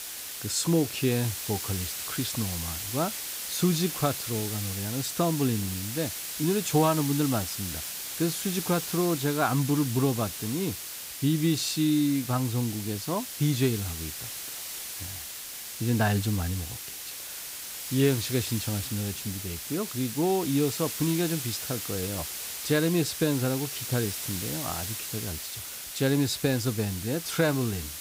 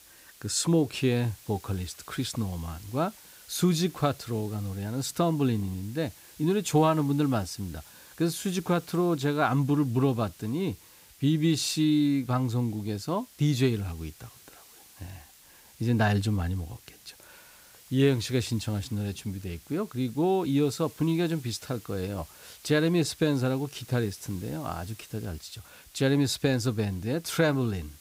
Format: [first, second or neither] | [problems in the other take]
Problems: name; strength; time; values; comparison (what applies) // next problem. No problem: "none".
second | hiss; loud; throughout; 5 dB below the speech; faint in the second